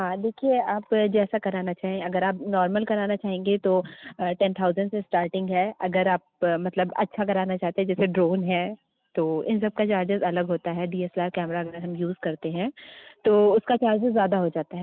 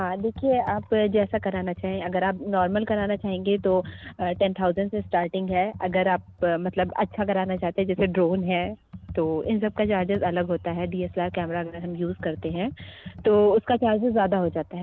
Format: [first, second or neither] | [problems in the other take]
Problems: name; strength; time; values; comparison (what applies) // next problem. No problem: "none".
first | background sound (Computer keyboard); 17 dB below the speech